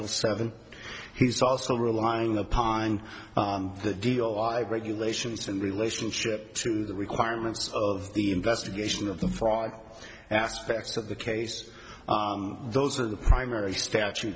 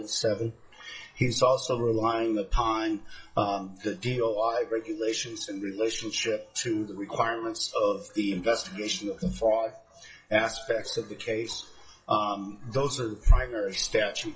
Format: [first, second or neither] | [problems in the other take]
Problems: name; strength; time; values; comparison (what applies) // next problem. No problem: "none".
first | noise reduction (classical method WPE with log-MMSE)